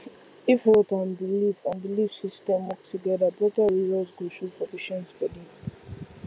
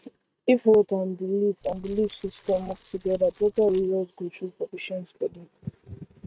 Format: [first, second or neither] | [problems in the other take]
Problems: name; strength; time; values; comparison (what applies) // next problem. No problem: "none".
first | noise reduction (neural mask model RNNoise)